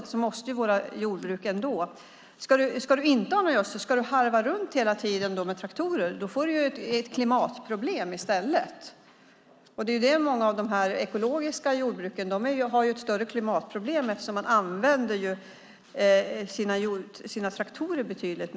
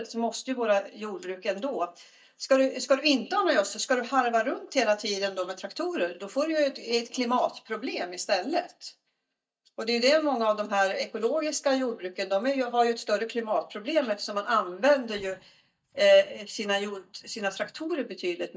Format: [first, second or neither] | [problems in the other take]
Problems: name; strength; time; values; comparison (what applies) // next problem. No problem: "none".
first | noise reduction (neural mask model DeepFilterNet 3)